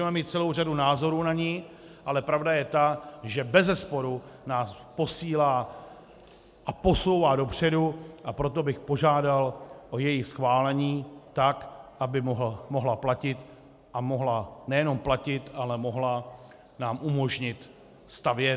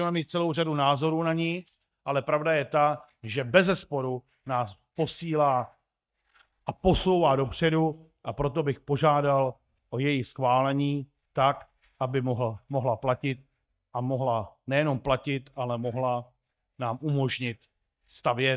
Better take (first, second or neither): first